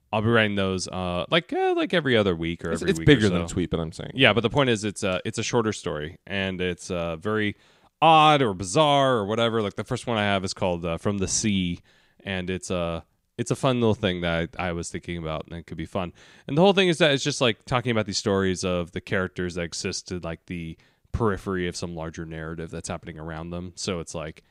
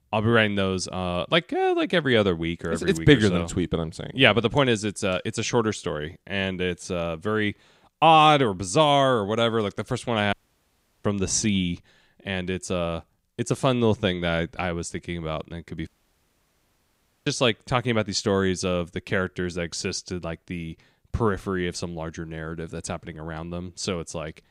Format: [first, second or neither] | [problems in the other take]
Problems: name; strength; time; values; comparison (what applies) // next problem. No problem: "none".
first | audio cutting out; at 10 s for 0.5 s and at 16 s for 1.5 s